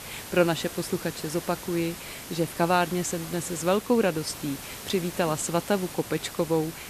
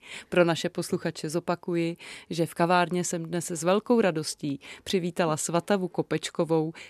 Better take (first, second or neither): second